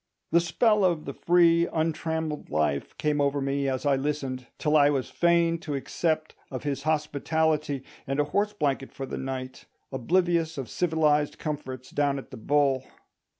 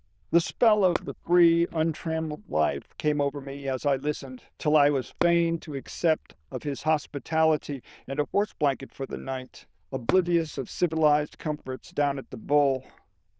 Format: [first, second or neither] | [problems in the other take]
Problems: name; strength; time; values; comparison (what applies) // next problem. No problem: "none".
first | noise reduction (neural diffusion model UNIVERSE++)